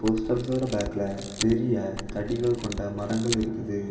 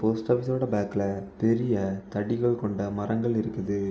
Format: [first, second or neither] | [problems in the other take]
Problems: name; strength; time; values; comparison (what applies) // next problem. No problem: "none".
second | background sound (Camera); 11 dB below the speech // room echo; dies away in 2.5 s